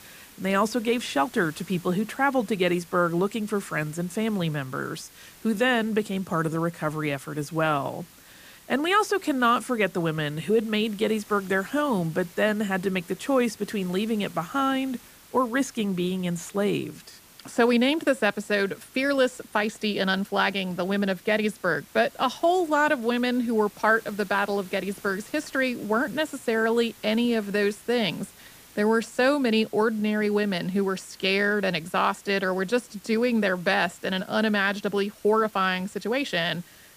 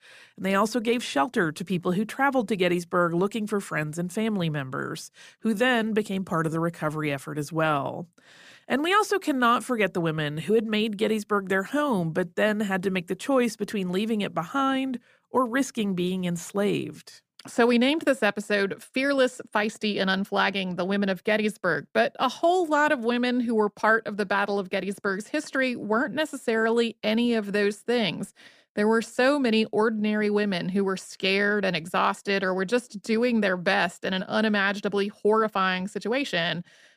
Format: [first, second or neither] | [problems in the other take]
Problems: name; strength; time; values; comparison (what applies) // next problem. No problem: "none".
second | hiss; faint; throughout; 25 dB below the speech